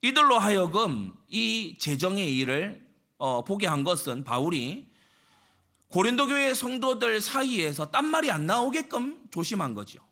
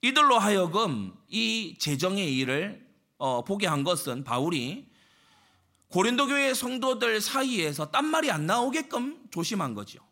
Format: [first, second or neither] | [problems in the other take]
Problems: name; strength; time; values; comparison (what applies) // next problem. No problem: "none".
second | garbled, watery; slightly; nothing above 16 kHz